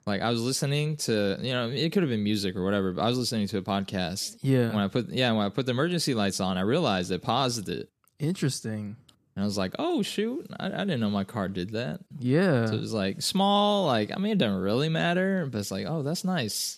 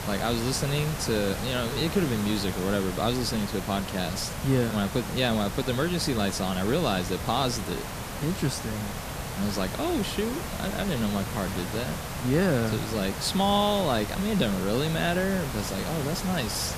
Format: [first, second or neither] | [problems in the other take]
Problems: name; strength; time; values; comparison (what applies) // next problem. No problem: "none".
first | hiss; loud; throughout; 6 dB below the speech